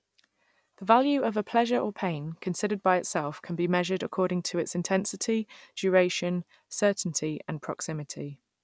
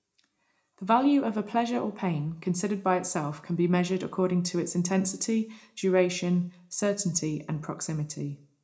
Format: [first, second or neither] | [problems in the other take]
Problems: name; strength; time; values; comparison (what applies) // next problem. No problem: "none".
first | room echo; dies away in 0.3 s